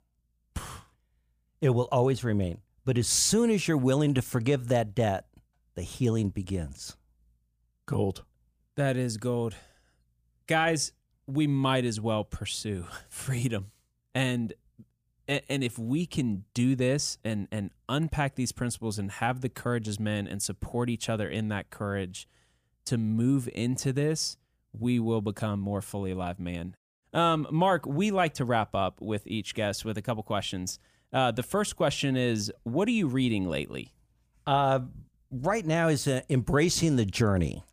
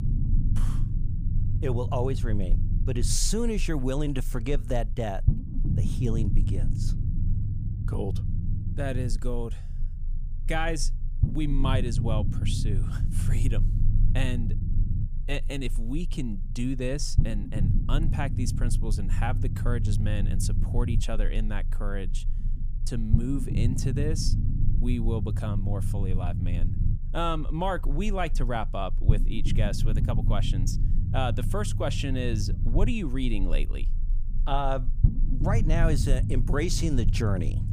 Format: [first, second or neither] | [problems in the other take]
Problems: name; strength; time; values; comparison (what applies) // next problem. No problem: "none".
first | low rumble; loud; throughout; 9 dB below the speech